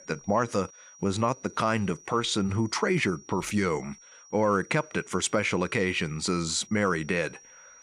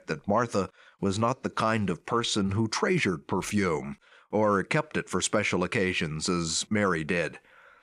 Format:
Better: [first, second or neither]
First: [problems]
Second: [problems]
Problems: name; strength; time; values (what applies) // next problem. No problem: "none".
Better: second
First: high-pitched whine; faint; throughout; 5.5 kHz, 20 dB below the speech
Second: none